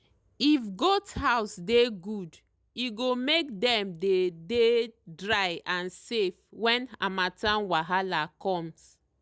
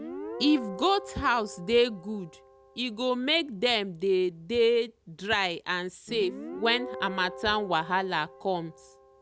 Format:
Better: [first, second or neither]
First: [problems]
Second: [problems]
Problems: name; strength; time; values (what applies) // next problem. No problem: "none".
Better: first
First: none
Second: background sound (Guitar); 14 dB below the speech